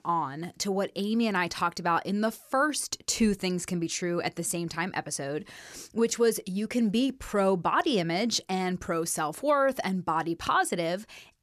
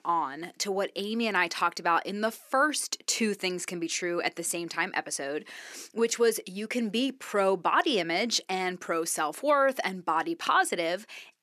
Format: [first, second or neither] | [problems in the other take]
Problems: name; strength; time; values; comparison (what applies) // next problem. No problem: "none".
first | thin; very slightly; fading below 250 Hz